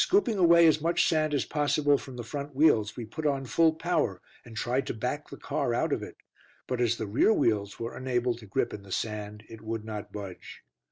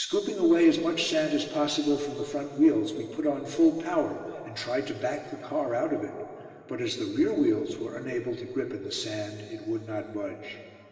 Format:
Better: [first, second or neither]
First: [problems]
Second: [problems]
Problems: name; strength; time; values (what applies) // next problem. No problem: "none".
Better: first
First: none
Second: room echo; dies away in 2.7 s